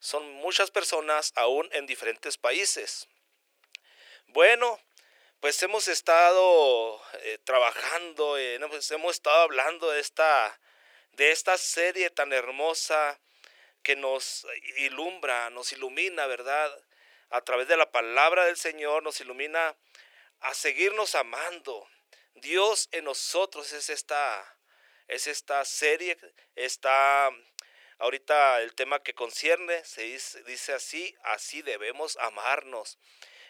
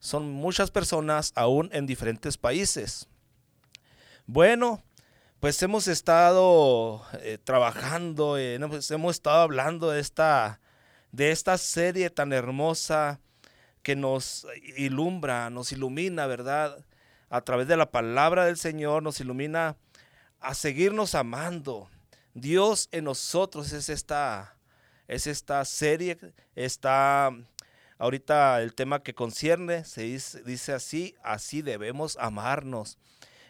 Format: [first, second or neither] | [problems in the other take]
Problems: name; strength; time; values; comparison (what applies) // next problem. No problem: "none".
second | thin; very; fading below 400 Hz